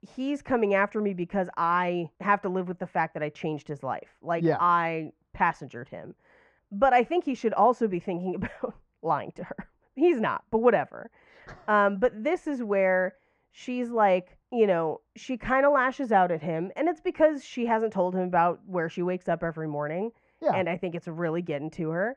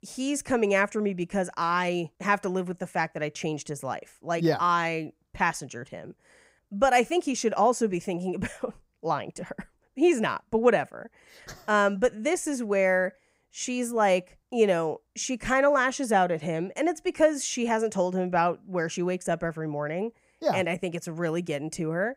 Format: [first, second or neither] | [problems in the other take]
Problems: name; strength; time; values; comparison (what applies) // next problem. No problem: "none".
second | muffled; very; fading above 2.5 kHz